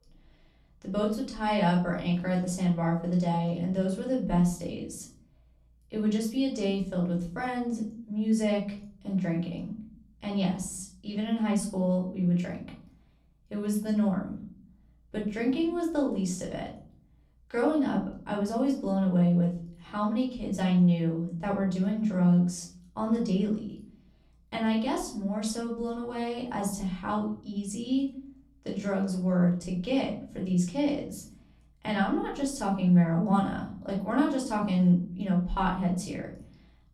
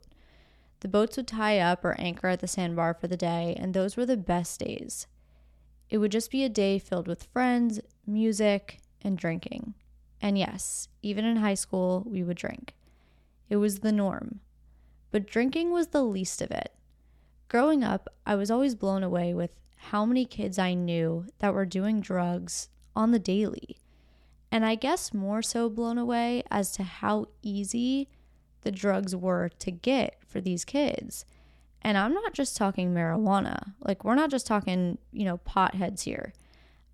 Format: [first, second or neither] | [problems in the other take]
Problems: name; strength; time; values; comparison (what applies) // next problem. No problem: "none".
second | off-mic speech; far // room echo; slight; dies away in 0.7 s